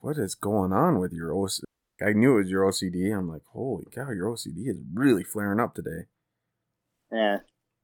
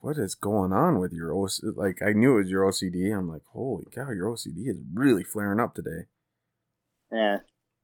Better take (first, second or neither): second